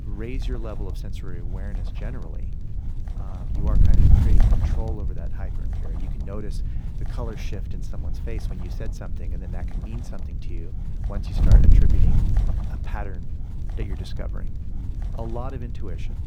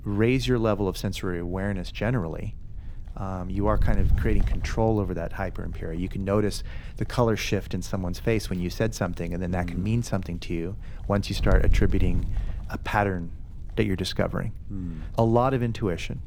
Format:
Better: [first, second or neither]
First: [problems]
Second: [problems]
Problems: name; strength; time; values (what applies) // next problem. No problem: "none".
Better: second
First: wind noise on the microphone; heavy; as loud as the speech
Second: wind noise on the microphone; occasional gusts; 20 dB below the speech